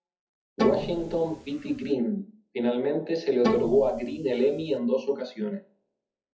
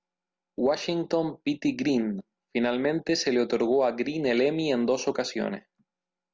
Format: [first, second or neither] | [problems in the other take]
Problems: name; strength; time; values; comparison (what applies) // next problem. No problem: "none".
second | noise reduction (classical method WPE with log-MMSE)